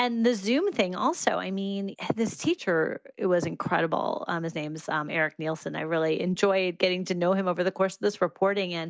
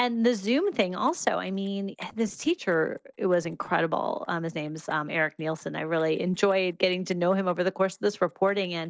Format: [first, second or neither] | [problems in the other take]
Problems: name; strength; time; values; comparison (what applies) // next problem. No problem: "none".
first | noise reduction (neural separator model SepFormer DNS4)